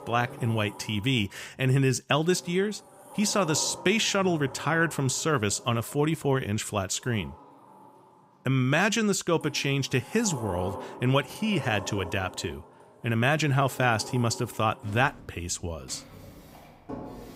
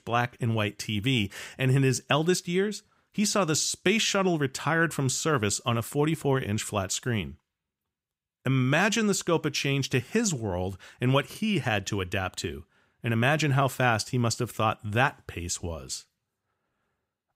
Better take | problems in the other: second | household noises; noticeable; throughout; 15 dB below the speech

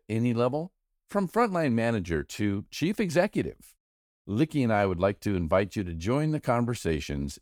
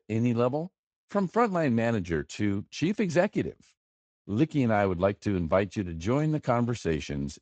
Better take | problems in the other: first | garbled, watery; slightly; nothing above 7.5 kHz

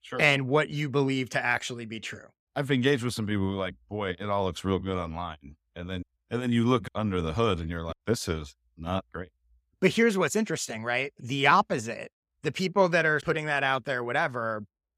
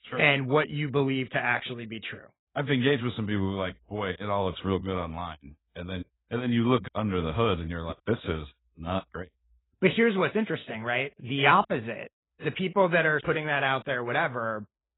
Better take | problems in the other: first | garbled, watery; badly; nothing above 4 kHz

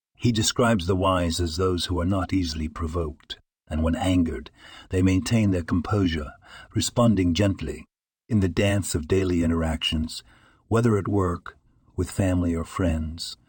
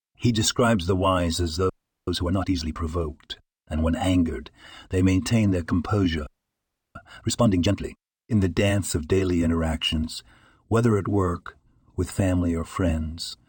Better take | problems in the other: first | audio freezing; at 1.5 s and at 6.5 s for 0.5 s

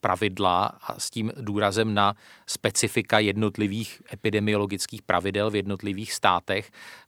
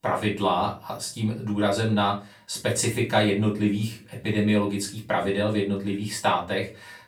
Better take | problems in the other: first | room echo; slight; dies away in 0.3 s // off-mic speech; far

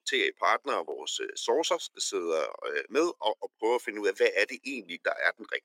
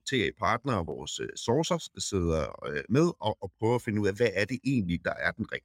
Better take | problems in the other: second | thin; very; fading below 350 Hz

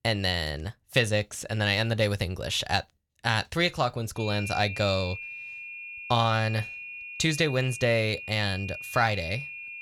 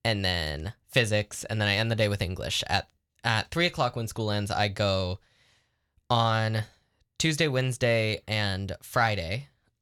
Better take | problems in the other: second | high-pitched whine; loud; from 4 s on; 2.5 kHz, 10 dB below the speech

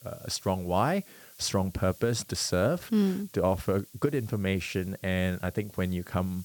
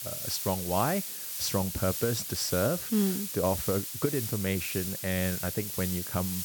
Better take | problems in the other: first | hiss; loud; throughout; 3 dB below the speech; faint in the first

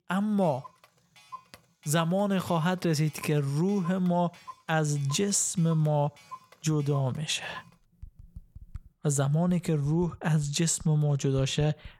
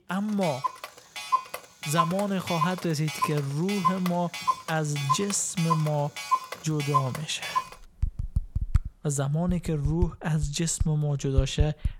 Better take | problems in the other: first | household noises; loud; throughout; 3 dB below the speech; faint in the first

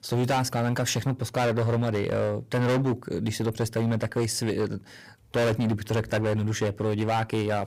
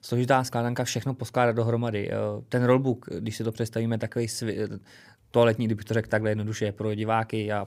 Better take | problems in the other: second | distortion; heavy; 18% of the sound clipped

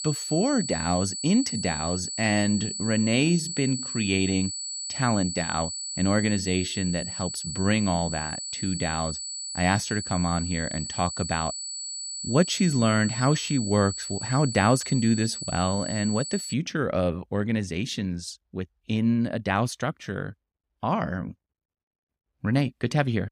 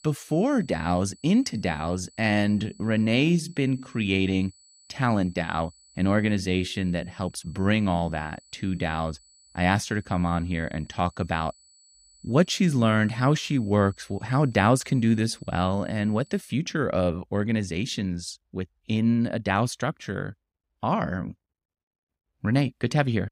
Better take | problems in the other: second | high-pitched whine; loud; until 17 s; 8 kHz, 5 dB below the speech; faint in the second

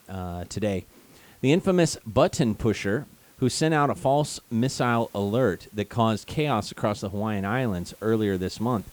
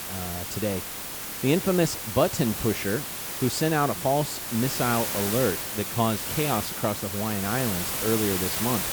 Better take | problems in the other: first | hiss; loud; throughout; 2 dB below the speech; faint in the first

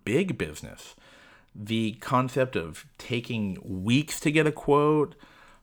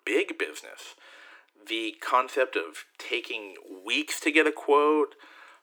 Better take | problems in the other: first | thin; very; fading below 300 Hz

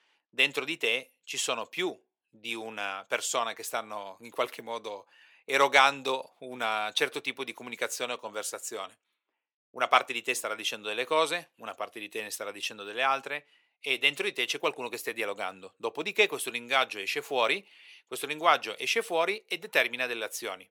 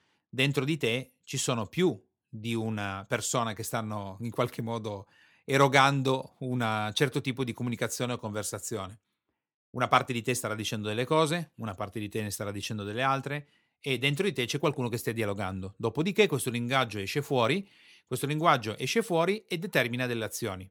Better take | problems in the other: second | thin; very; fading below 550 Hz

